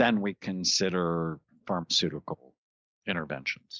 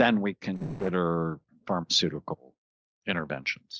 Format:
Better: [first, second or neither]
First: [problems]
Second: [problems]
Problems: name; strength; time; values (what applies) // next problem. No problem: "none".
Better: first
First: none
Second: noise reduction (neural separator model SepFormer DNS4)